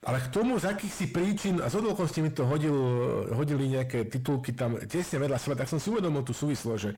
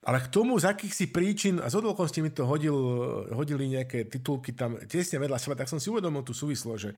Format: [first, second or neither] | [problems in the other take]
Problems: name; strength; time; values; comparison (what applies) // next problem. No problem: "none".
second | distortion; heavy; 7 dB below the speech